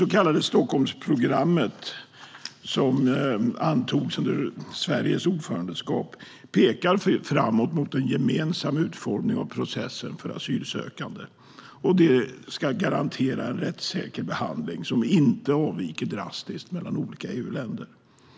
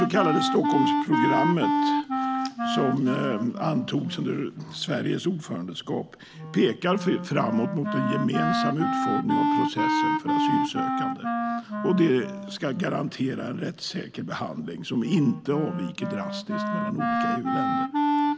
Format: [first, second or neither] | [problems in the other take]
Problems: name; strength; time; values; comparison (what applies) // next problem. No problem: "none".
first | background sound (Wind instrument, woodwind instrument); as loud as the speech